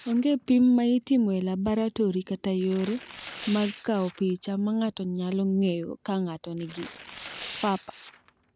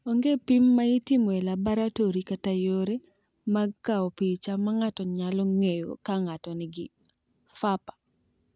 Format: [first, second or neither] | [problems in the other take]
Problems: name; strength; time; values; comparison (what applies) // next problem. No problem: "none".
second | background sound (Tearing); 19 dB below the speech